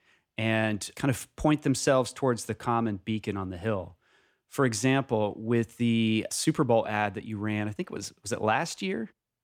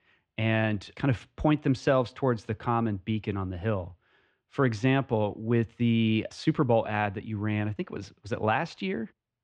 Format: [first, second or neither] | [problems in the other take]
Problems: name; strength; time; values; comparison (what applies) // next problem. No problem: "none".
first | muffled; slightly; fading above 4 kHz